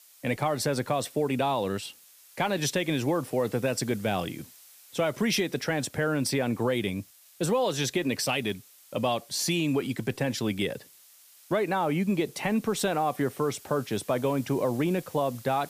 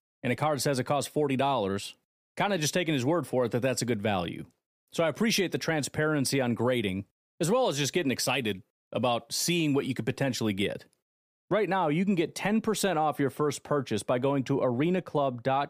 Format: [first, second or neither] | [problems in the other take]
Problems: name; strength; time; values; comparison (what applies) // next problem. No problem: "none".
second | hiss; faint; throughout; 20 dB below the speech